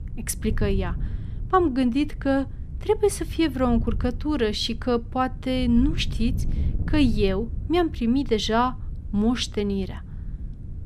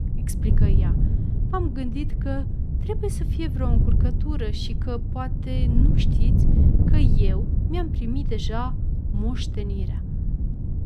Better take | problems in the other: first | wind noise on the microphone; heavy; 3 dB below the speech; occasional gusts in the first

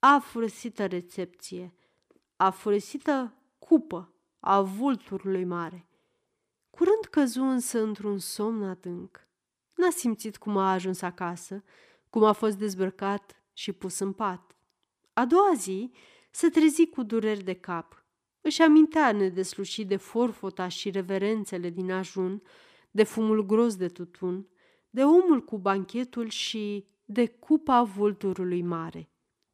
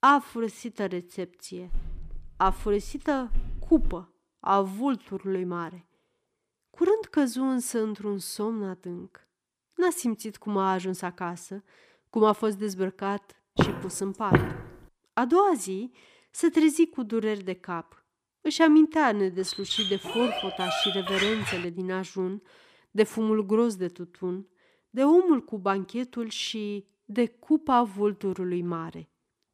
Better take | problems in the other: first | footsteps; faint; from 1.5 to 4 s; peak 10 dB below the speech // footsteps; loud; at 14 s; peak 2 dB above the speech // dog barking; loud; from 19 to 22 s; peak 1 dB above the speech

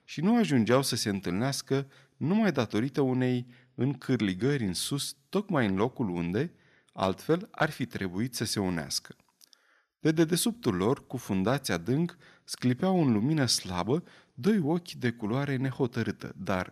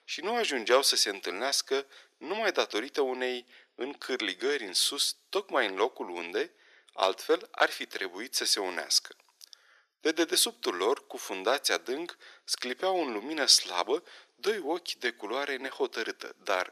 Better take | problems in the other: first | thin; very; fading below 350 Hz

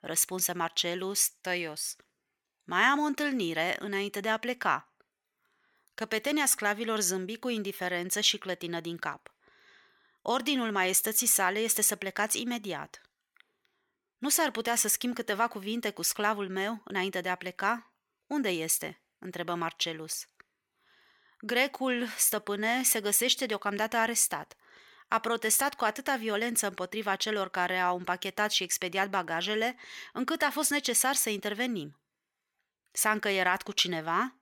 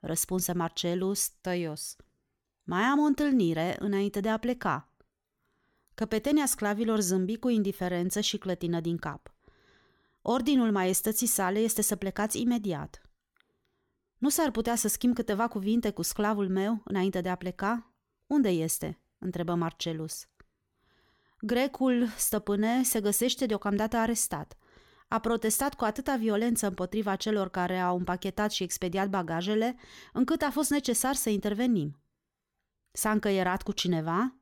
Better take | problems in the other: second | thin; somewhat; fading below 800 Hz

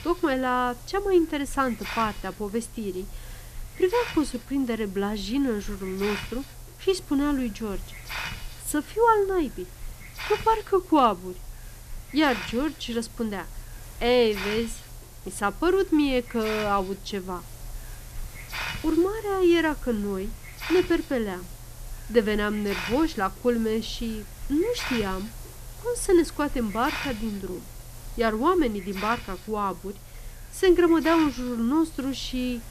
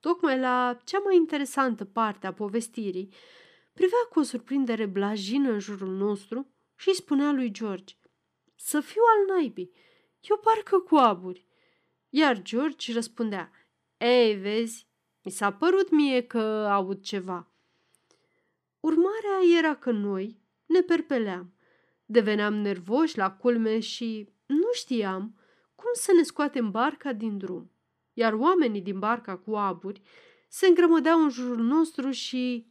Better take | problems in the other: second | hiss; noticeable; throughout; 15 dB below the speech

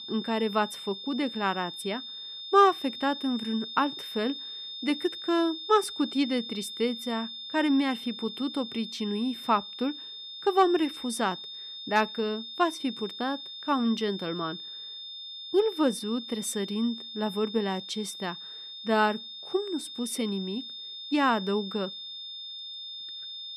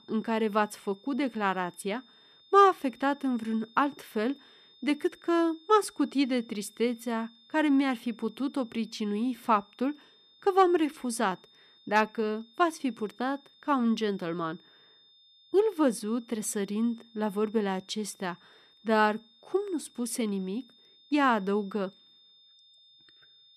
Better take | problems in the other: second | high-pitched whine; loud; throughout; 3.5 kHz, 9 dB below the speech; faint in the second

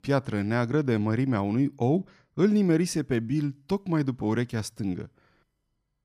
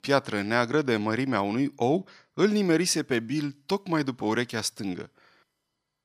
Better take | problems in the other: first | thin; very slightly; fading below 1 kHz

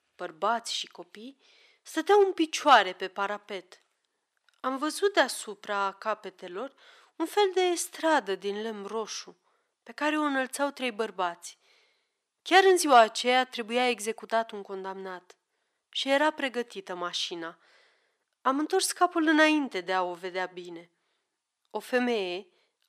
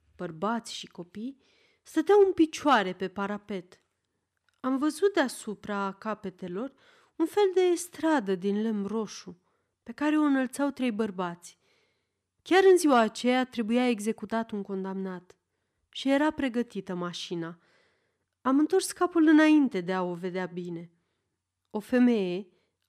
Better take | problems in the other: second | thin; somewhat; fading below 500 Hz

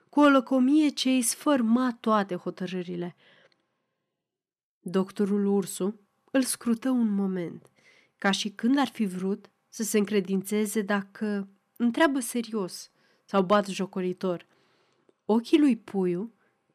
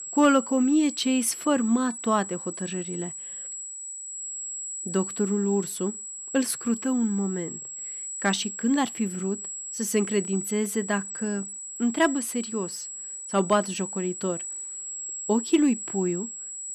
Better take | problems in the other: first | high-pitched whine; loud; throughout; 8 kHz, 7 dB below the speech

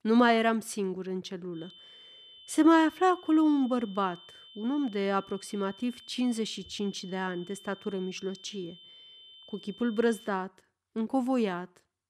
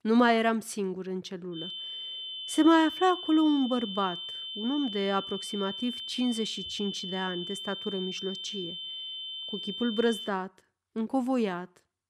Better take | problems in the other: first | high-pitched whine; loud; from 1.5 to 10 s; 3 kHz, 7 dB below the speech; faint in the first

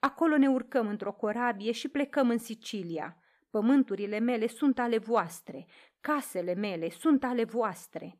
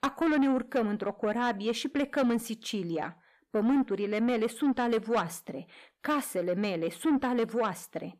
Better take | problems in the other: first | distortion; slight; 10 dB below the speech

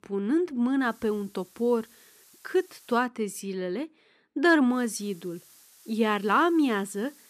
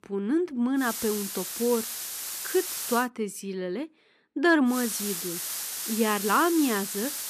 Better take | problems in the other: first | hiss; loud; from 1 to 3 s and from 4.5 s on; 5 dB below the speech; faint in the first

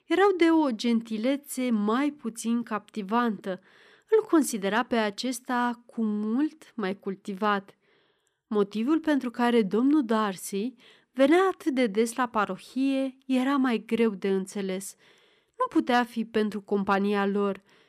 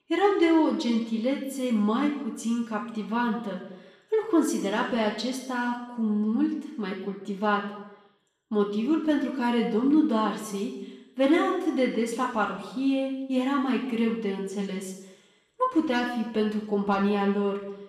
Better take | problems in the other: first | room echo; noticeable; dies away in 0.8 s // off-mic speech; far

